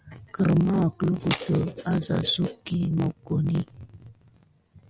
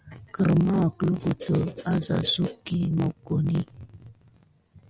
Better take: second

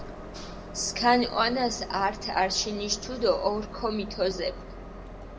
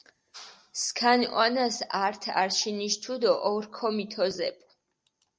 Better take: second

